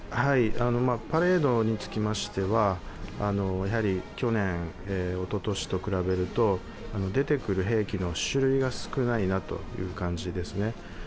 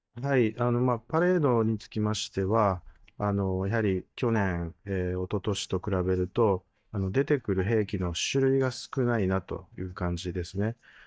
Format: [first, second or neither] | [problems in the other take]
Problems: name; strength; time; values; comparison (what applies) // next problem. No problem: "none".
first | noise reduction (neural mask model DeepFilterNet 3)